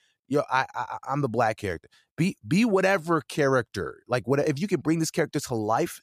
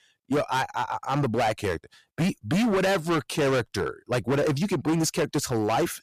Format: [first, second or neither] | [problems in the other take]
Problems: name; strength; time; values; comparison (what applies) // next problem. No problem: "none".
first | distortion; heavy; 19% of the sound clipped